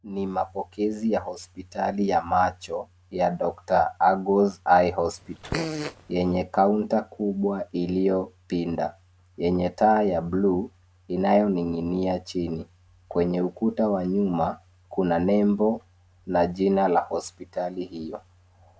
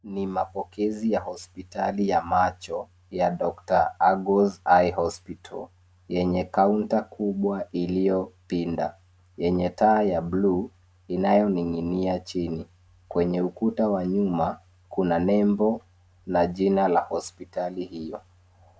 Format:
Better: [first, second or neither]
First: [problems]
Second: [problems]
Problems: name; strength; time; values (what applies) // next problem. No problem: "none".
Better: second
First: background sound (Fart); 8 dB below the speech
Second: none